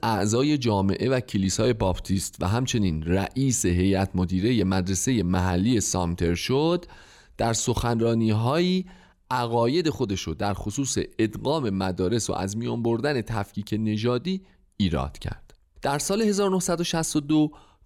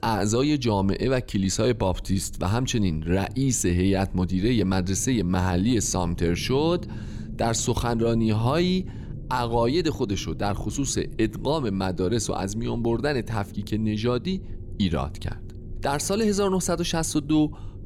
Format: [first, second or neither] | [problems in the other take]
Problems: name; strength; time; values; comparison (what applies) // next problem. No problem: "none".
first | low rumble; faint; throughout; 20 dB below the speech